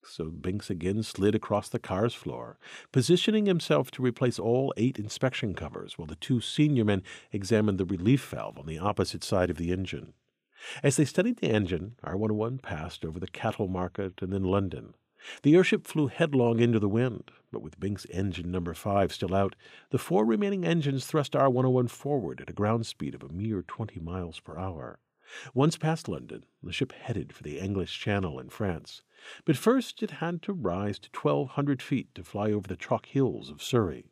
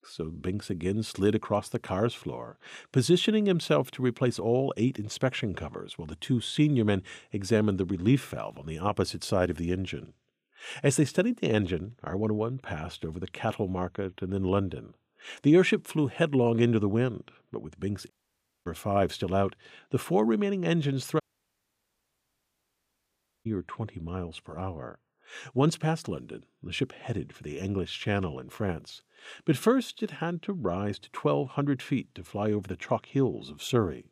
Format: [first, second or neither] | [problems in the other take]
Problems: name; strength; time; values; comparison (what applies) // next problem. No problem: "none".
first | audio cutting out; at 18 s for 0.5 s and at 21 s for 2.5 s